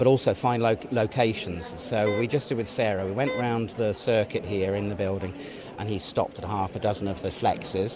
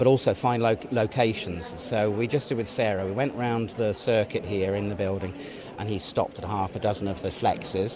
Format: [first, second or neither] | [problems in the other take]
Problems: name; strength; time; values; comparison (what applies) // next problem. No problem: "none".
second | background sound (Wind instrument, woodwind instrument); 10 dB below the speech